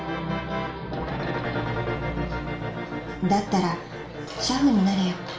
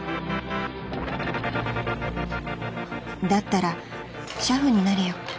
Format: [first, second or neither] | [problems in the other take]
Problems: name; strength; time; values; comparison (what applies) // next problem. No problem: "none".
second | room echo; dies away in 0.4 s